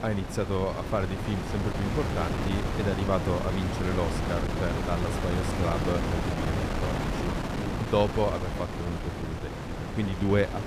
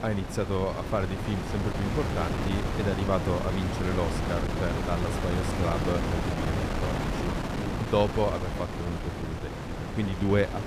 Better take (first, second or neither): neither